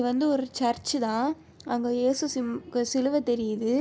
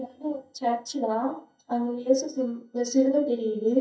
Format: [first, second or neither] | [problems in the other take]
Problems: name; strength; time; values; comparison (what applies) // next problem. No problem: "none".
first | noise reduction (neural mask model DeepFilterNet 3)